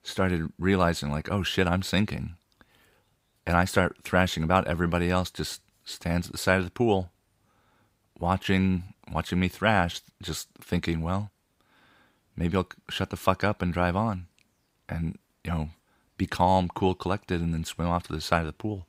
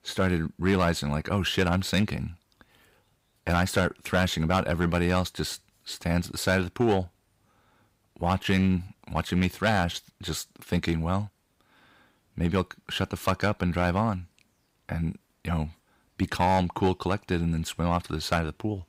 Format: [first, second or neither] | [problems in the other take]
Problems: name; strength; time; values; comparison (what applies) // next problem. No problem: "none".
first | distortion; slight; 3% of the sound clipped